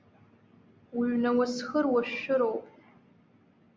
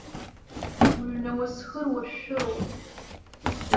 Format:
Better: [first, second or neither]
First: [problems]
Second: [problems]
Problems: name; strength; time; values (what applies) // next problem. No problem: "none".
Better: first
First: none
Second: background sound (Drawer open or close); 4 dB above the speech // room echo; dies away in 1 s